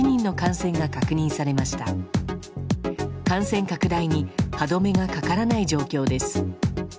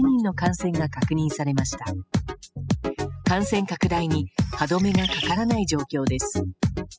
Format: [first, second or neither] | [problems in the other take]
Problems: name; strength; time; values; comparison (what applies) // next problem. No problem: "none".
first | noise reduction (classical method spectral subtraction)